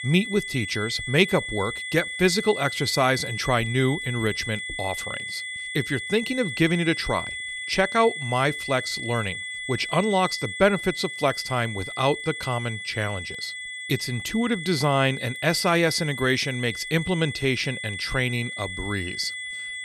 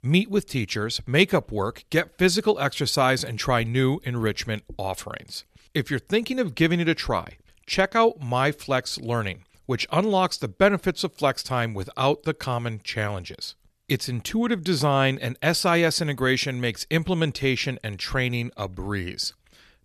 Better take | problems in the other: second | high-pitched whine; loud; throughout; 2 kHz, 6 dB below the speech

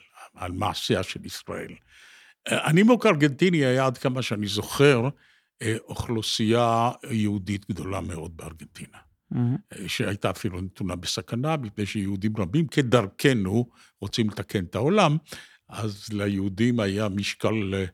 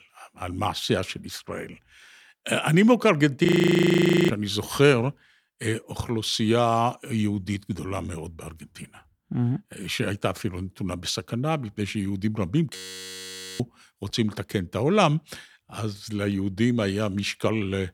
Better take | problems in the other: first | audio freezing; at 3.5 s for 1 s and at 13 s for 1 s

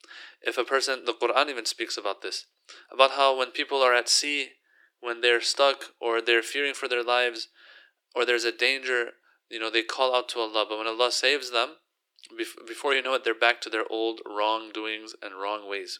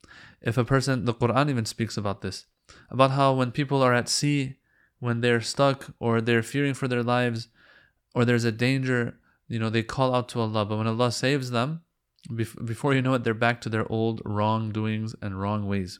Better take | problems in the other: second | thin; very; fading below 350 Hz

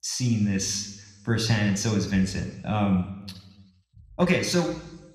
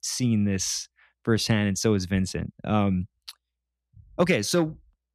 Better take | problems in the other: second | room echo; slight; dies away in 1 s

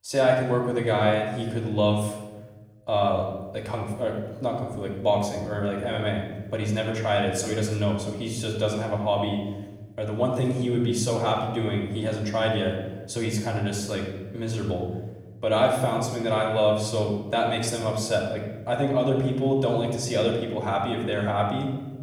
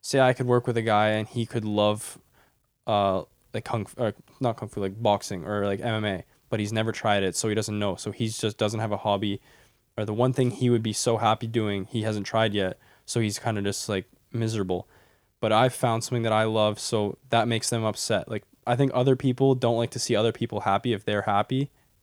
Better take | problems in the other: second | off-mic speech; far // room echo; noticeable; dies away in 1.2 s

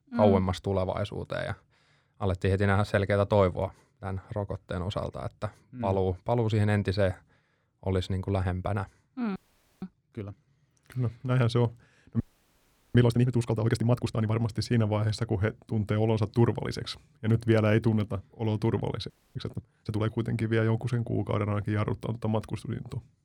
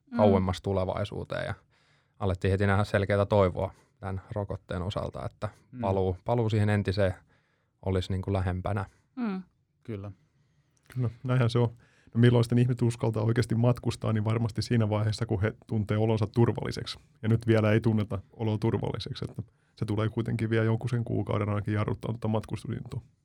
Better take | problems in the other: second | audio freezing; at 9.5 s, at 12 s for 1 s and at 19 s

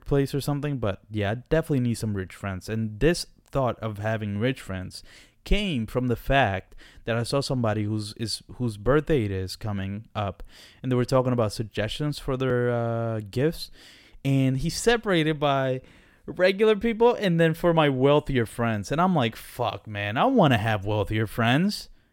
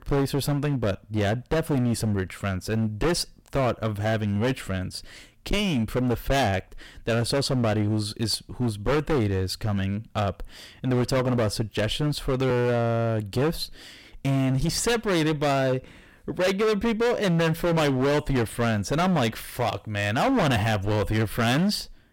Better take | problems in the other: first | distortion; heavy; 19% of the sound clipped

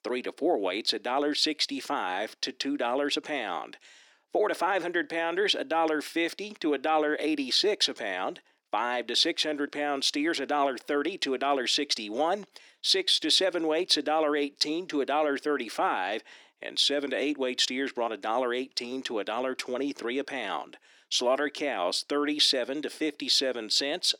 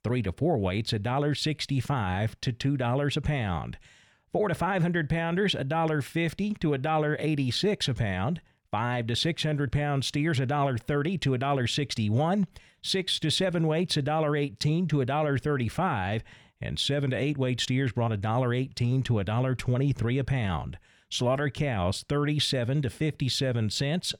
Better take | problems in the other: second | thin; somewhat; fading below 300 Hz

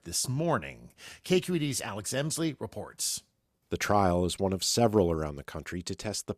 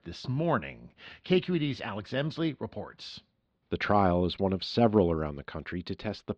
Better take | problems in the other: first | muffled; slightly; fading above 4 kHz

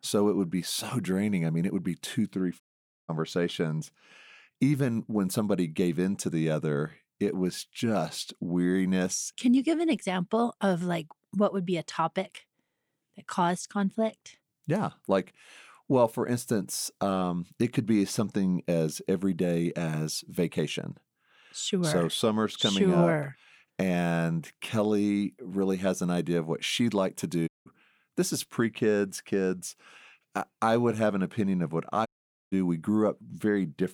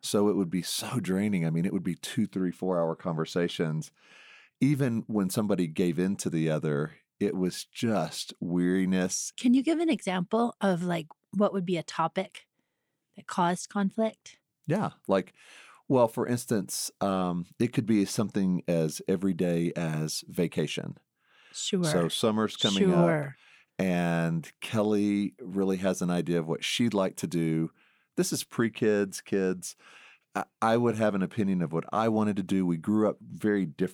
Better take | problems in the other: second | audio cutting out; at 2.5 s, at 27 s and at 32 s

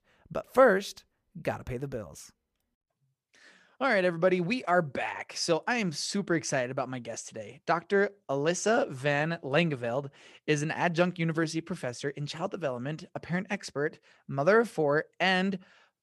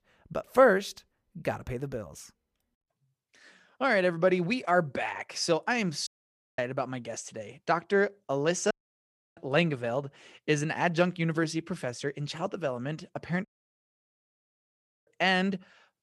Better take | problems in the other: first | audio cutting out; at 6 s for 0.5 s, at 8.5 s for 0.5 s and at 13 s for 1.5 s

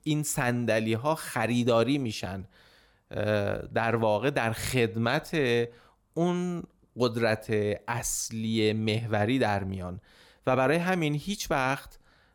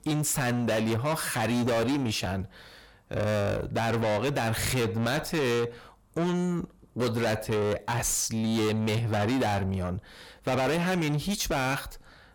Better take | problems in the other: first | distortion; heavy; 6 dB below the speech

